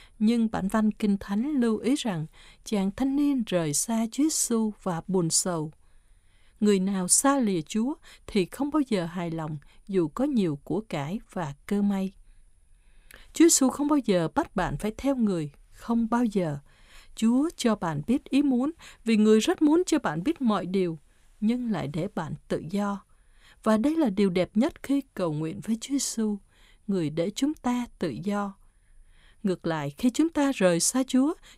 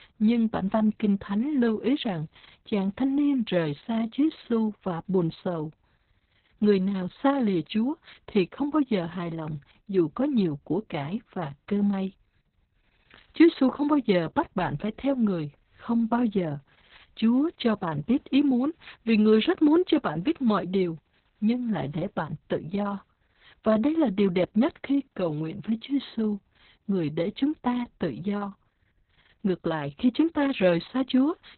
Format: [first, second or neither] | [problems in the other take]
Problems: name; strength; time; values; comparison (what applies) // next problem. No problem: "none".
first | garbled, watery; badly; nothing above 4 kHz